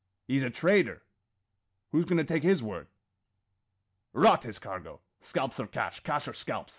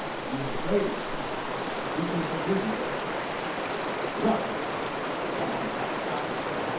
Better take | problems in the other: first | background sound (Stream); 3 dB above the speech // room echo; dies away in 0.6 s

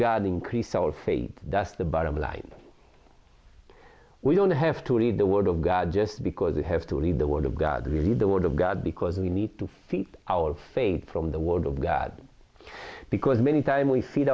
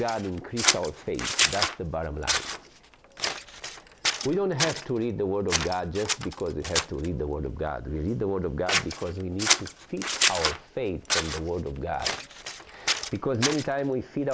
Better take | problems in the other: first | background sound (Scissors); as loud as the speech

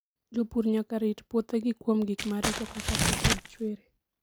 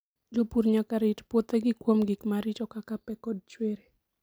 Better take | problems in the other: second | background sound (Crumpling, crinkling); 1 dB above the speech

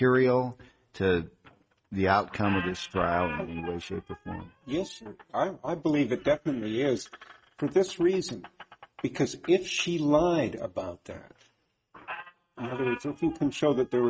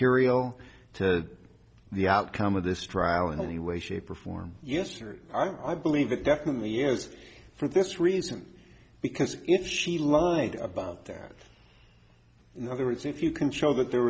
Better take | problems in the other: second | noise reduction (neural mask model RNNoise)

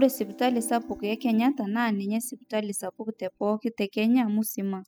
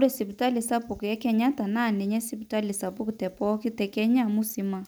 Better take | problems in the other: second | noise reduction (classical method spectral subtraction)

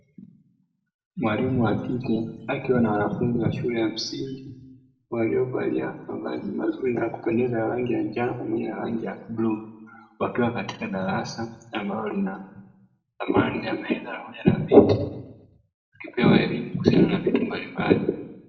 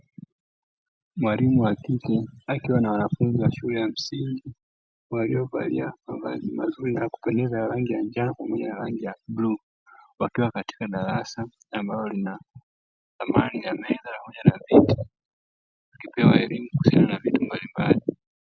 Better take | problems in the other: second | room echo; dies away in 0.6 s

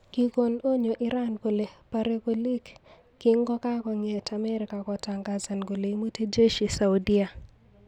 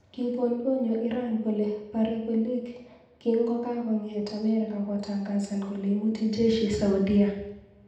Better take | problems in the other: first | room echo; dies away in 0.8 s

